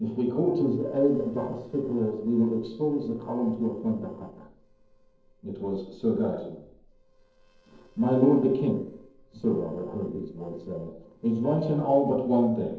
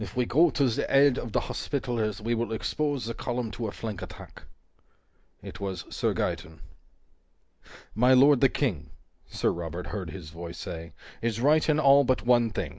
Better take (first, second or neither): second